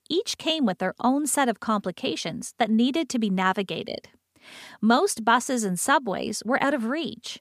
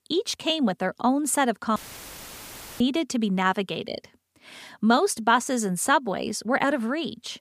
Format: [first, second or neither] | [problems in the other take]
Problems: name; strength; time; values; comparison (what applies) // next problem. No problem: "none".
first | audio cutting out; filled with static; at 2 s for 1 s